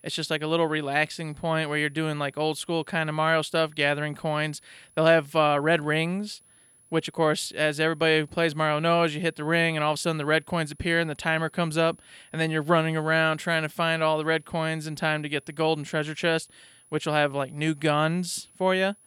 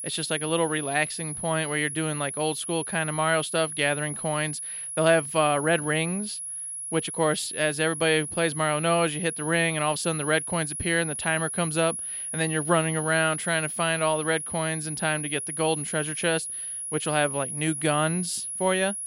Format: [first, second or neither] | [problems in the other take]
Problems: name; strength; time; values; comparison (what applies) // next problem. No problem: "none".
first | high-pitched whine; loud; throughout; 10.5 kHz, 5 dB below the speech; faint in the first